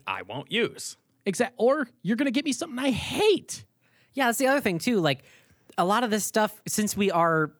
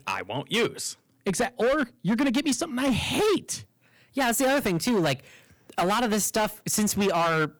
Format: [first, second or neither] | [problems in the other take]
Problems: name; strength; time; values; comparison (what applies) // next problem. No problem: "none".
first | distortion; heavy; 14% of the sound clipped